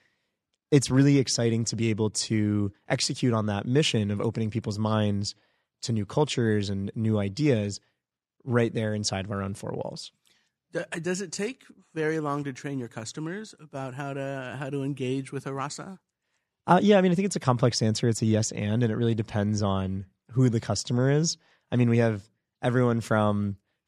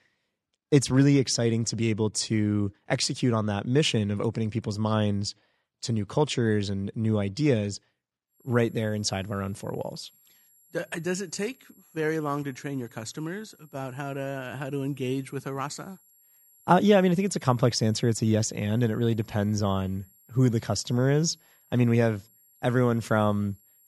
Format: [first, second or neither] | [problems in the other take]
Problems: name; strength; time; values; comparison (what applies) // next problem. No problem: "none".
first | high-pitched whine; faint; from 8.5 s on; 11.5 kHz, 30 dB below the speech